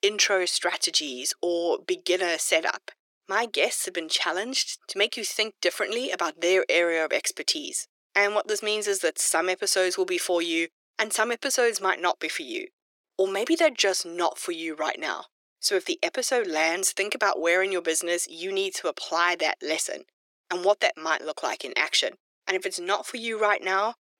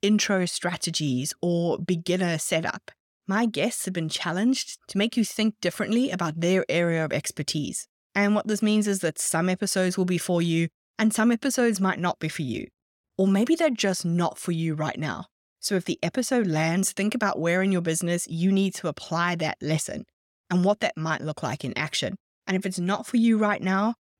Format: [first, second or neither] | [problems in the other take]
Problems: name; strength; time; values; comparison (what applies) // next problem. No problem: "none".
second | thin; very; fading below 350 Hz